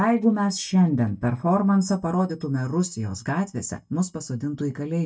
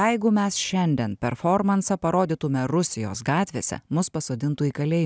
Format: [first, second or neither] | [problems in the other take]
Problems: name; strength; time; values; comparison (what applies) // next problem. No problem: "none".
second | noise reduction (neural mask model DeepFilterNet 3)